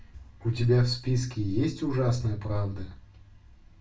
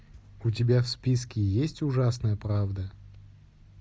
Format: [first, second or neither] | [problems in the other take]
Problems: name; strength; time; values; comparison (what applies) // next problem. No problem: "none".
second | room echo; dies away in 0.3 s